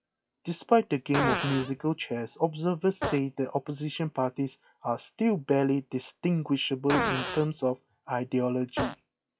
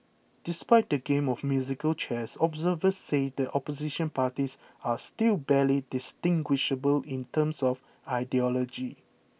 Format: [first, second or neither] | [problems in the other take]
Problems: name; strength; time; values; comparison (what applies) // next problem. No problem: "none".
second | noise reduction (classical method log-MMSE)